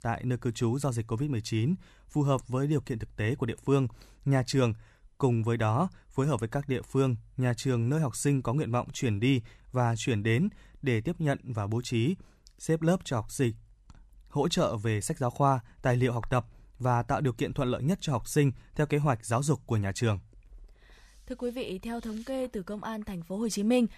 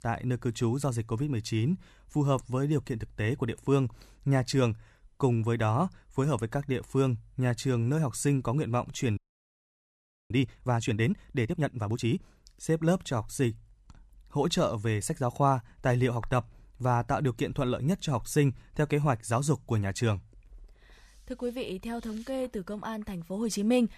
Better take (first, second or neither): first